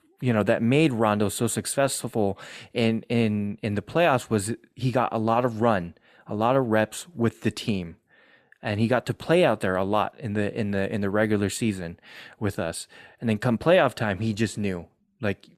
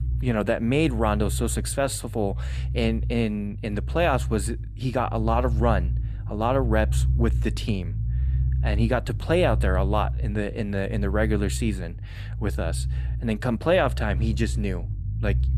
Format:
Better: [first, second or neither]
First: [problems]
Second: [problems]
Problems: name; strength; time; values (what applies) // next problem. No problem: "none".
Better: first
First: none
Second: low rumble; noticeable; throughout; 15 dB below the speech